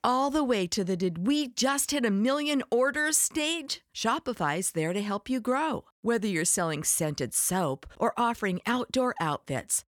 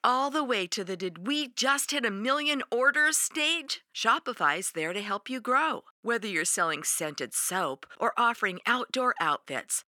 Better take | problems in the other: first | thin; somewhat; fading below 250 Hz

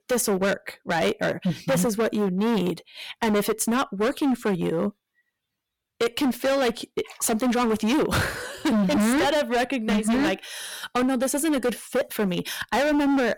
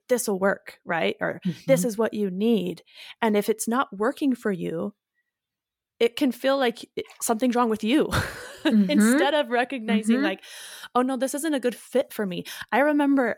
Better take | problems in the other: second | distortion; heavy; 22% of the sound clipped

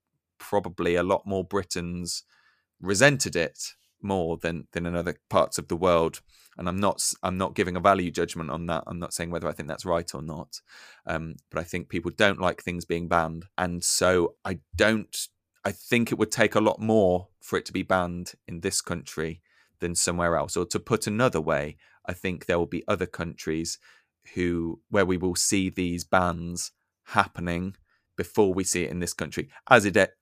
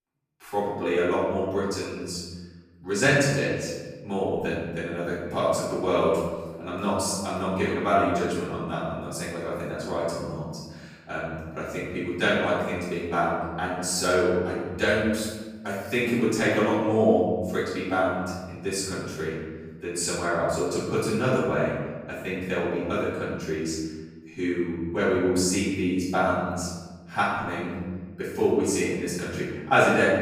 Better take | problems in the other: first | off-mic speech; far // room echo; noticeable; dies away in 1.3 s

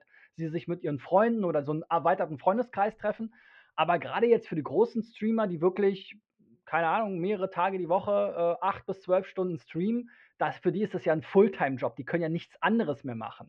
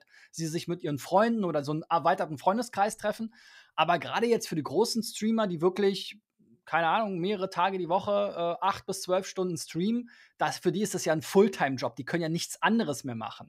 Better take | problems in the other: second | muffled; very; fading above 2.5 kHz

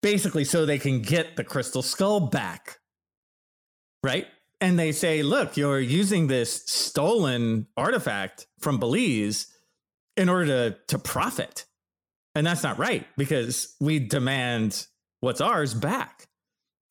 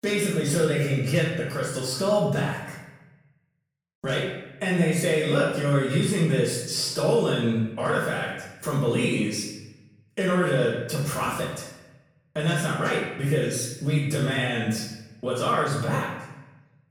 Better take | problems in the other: first | off-mic speech; far // room echo; noticeable; dies away in 0.8 s

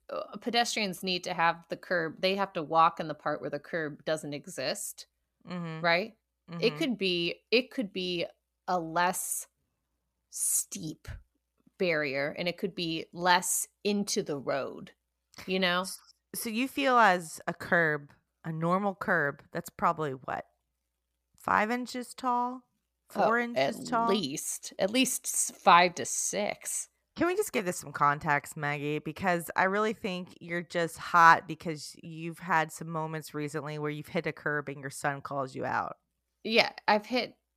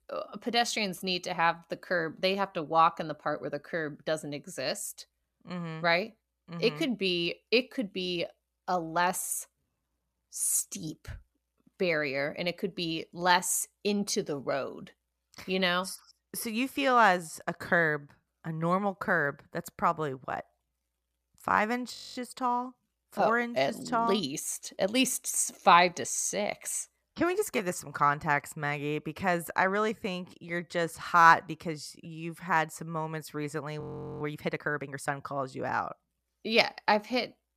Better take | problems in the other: first | audio freezing; at 22 s and at 34 s

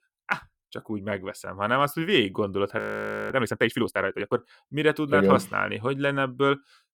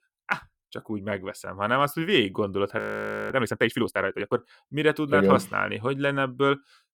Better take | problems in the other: neither | audio freezing; at 3 s for 0.5 s; the same in both

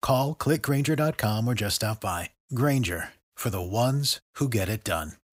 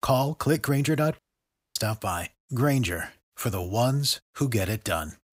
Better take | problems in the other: first | audio cutting out; at 1 s for 0.5 s

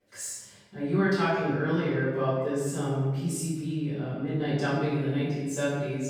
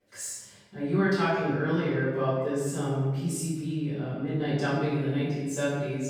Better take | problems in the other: neither | room echo; strong; dies away in 1.1 s; the same in both // off-mic speech; far; the same in both

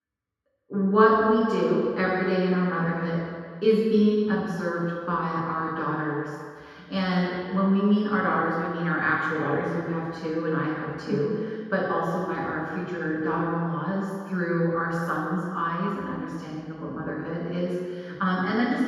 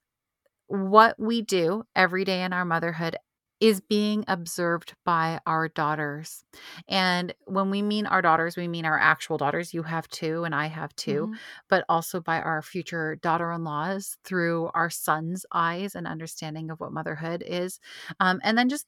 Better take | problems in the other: second | room echo; strong; dies away in 1.8 s // off-mic speech; far

